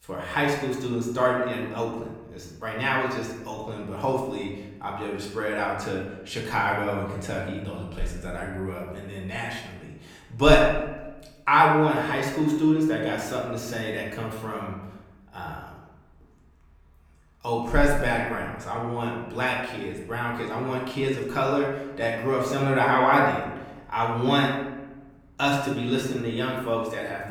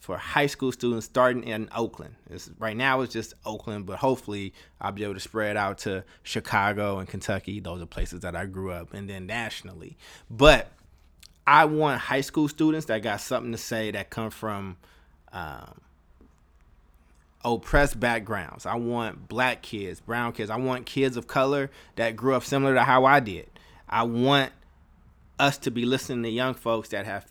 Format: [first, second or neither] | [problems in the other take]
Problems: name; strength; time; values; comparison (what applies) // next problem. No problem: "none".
second | room echo; noticeable; dies away in 0.9 s // off-mic speech; far